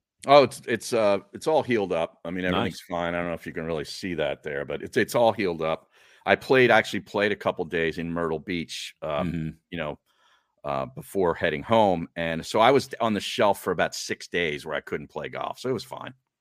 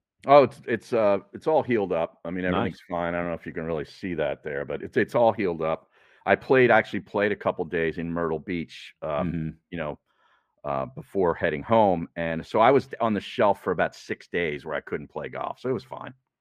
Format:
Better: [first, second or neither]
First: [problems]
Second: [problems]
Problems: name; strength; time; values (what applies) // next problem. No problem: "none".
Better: first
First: none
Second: muffled; slightly; fading above 3.5 kHz